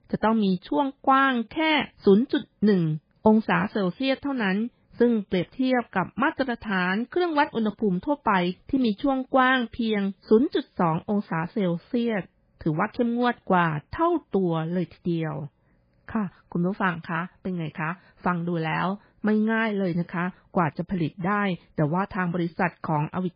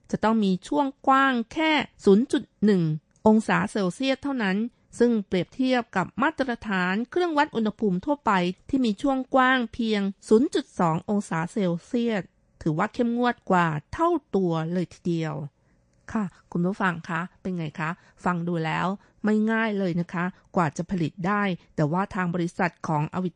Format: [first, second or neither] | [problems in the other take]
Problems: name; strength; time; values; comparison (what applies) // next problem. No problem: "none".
second | garbled, watery; badly; nothing above 4.5 kHz; slightly in the second